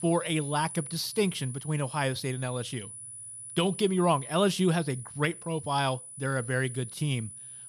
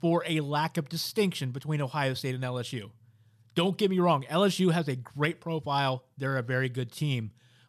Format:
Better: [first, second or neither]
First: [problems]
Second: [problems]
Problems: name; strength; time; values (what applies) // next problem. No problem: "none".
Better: second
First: high-pitched whine; noticeable; throughout; 10 kHz, 10 dB below the speech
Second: none